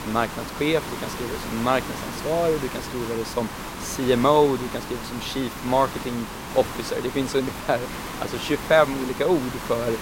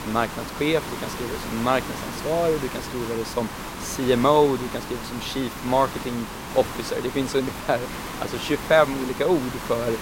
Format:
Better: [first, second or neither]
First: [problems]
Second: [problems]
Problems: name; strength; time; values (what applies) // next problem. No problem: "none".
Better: neither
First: hiss; loud; throughout; 8 dB below the speech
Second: hiss; loud; throughout; 8 dB below the speech